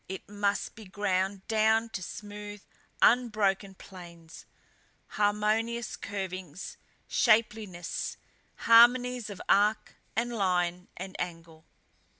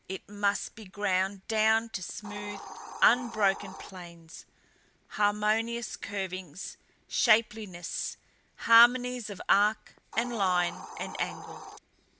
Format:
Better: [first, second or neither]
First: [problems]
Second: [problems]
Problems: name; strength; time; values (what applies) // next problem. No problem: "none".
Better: first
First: none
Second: background sound (Hiss); 16 dB below the speech